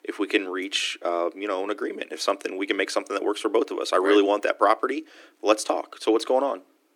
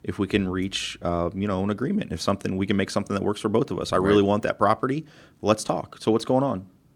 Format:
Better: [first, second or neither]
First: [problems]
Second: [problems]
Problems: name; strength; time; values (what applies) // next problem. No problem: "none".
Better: second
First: thin; somewhat; fading below 300 Hz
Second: none